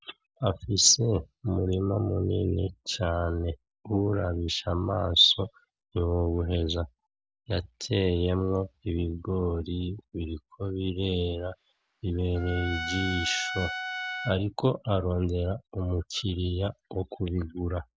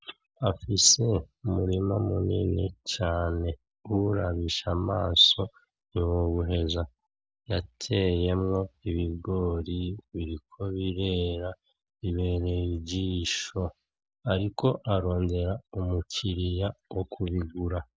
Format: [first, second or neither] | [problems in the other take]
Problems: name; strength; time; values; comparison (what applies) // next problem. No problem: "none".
second | background sound (Trumpet); 8 dB below the speech